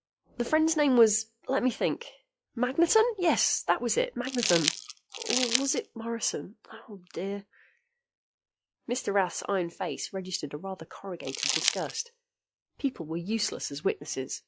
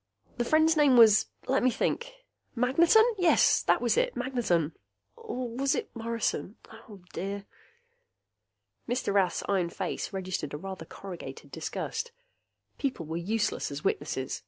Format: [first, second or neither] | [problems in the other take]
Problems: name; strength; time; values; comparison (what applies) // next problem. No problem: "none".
second | noise reduction (classical method log-MMSE)